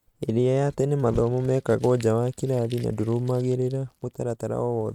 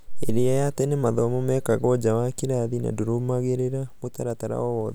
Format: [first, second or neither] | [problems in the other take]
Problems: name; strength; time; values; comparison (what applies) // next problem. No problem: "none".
second | noise reduction (neural mask model RNNoise)